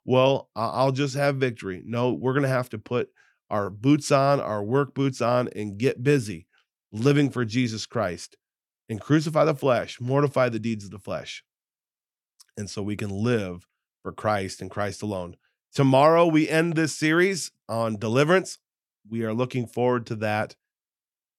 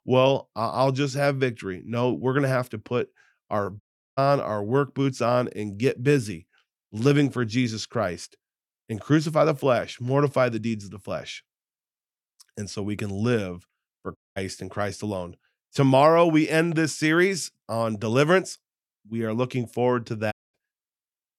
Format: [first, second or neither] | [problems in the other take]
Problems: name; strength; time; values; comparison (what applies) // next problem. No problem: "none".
first | audio cutting out; at 4 s, at 14 s and at 20 s